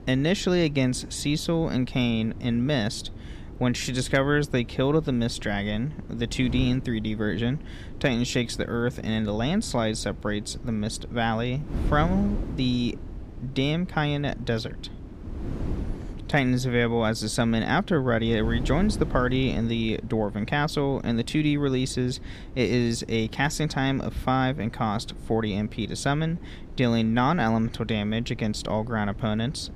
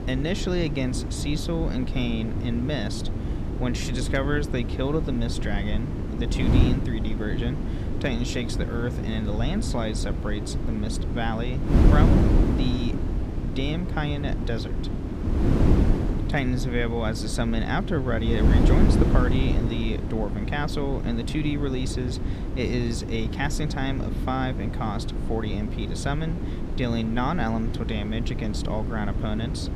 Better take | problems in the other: first | wind noise on the microphone; heavy; 4 dB below the speech; occasional gusts in the first

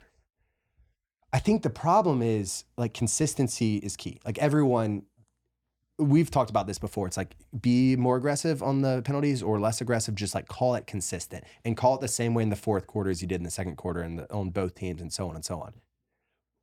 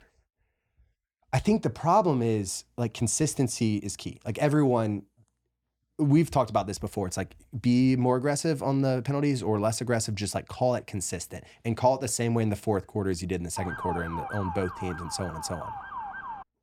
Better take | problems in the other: first | siren; noticeable; from 14 s on; peak 6 dB below the speech

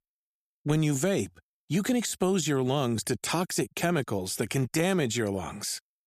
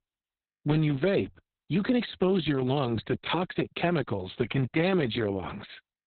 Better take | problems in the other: first | garbled, watery; badly; nothing above 4 kHz

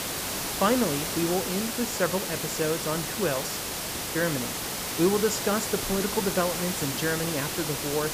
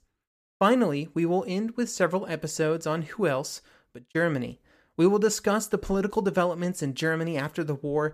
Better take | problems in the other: second | hiss; loud; throughout; 1 dB below the speech

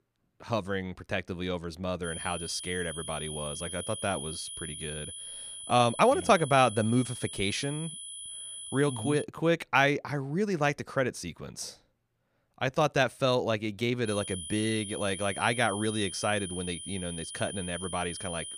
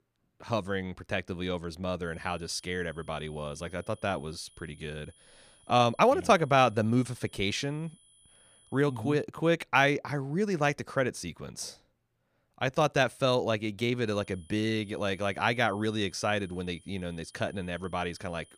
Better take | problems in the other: second | high-pitched whine; loud; from 2 to 9 s and from 14 s on; 10 kHz, 9 dB below the speech; faint in the second

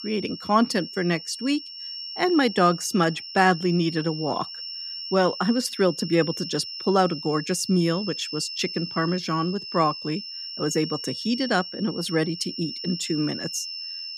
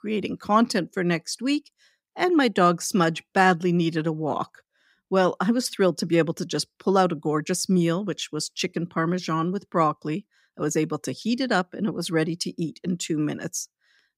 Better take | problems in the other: second | high-pitched whine; loud; throughout; 5.5 kHz, 8 dB below the speech

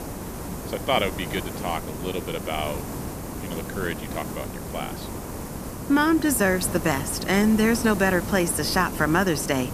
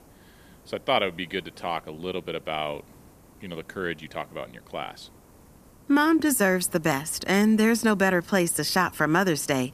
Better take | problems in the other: second | hiss; loud; throughout; 9 dB below the speech; faint in the second

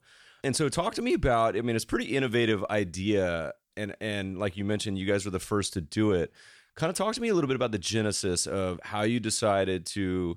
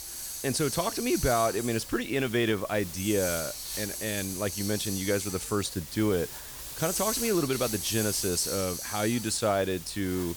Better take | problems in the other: first | hiss; loud; throughout; 5 dB below the speech

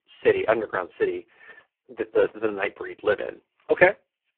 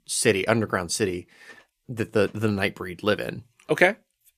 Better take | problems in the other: second | phone-call audio; poor line

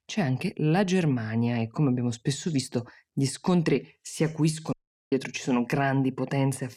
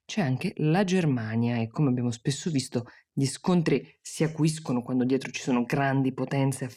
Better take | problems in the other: second | audio cutting out; at 4.5 s

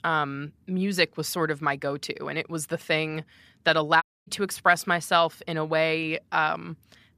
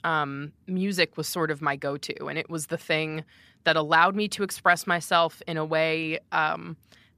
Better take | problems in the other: second | audio cutting out; at 4 s

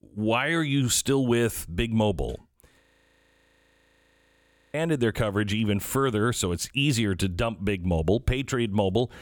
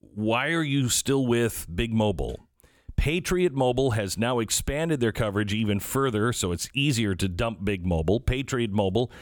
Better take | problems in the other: second | audio freezing; at 3 s for 2 s

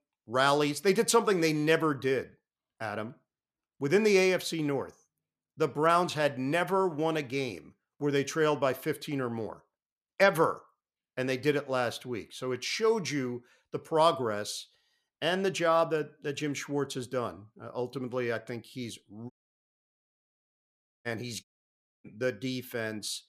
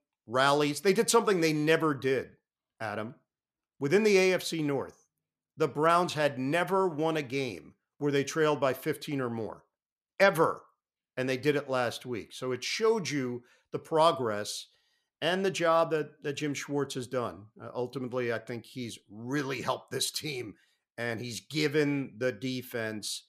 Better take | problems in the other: second | audio cutting out; at 19 s for 2 s and at 21 s for 0.5 s

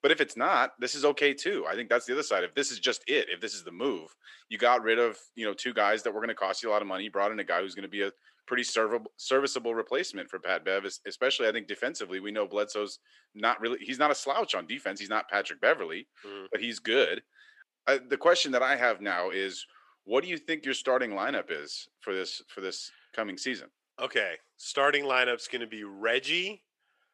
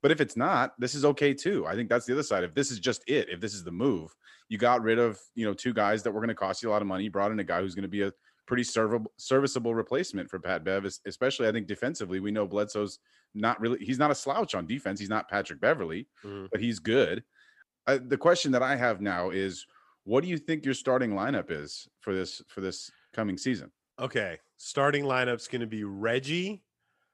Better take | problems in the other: second | thin; somewhat; fading below 400 Hz

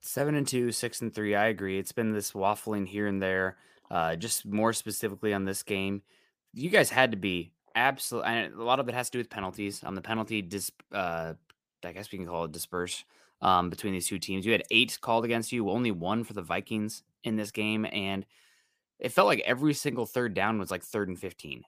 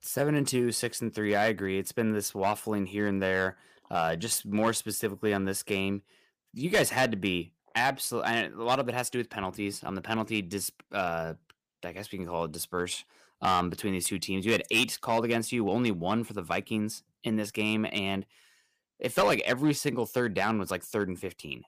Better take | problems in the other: first | distortion; slight; 2% of the sound clipped

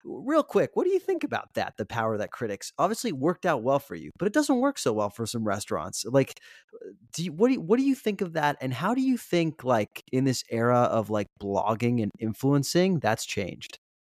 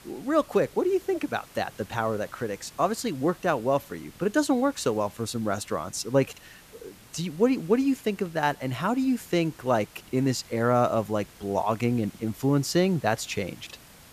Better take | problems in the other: first | hiss; faint; throughout; 25 dB below the speech

